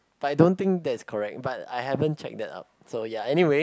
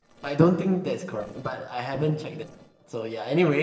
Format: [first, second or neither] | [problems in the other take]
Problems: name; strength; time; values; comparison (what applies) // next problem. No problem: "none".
first | noise reduction (neural separator model SepFormer DNS4)